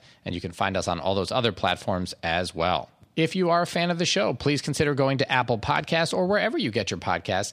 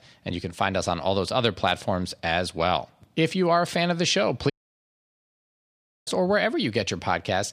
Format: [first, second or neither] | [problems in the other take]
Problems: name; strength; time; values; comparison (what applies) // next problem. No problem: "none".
first | audio cutting out; at 4.5 s for 1.5 s